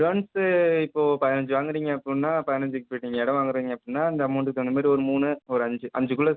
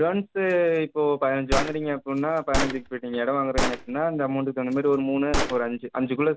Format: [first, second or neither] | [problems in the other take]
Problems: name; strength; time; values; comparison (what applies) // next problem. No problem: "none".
first | background sound (Gunshot, gunfire); 6 dB below the speech